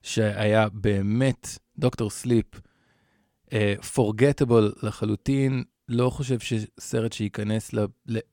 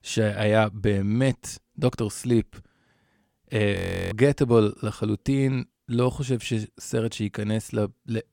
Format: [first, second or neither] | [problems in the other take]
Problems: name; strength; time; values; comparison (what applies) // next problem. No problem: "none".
first | audio freezing; at 4 s